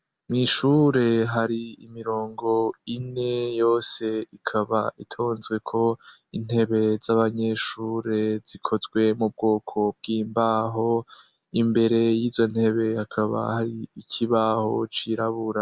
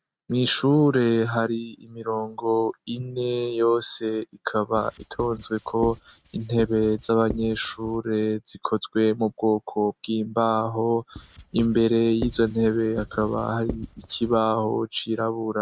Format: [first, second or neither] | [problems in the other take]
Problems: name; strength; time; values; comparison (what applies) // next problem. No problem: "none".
first | noise reduction (neural mask model RNNoise)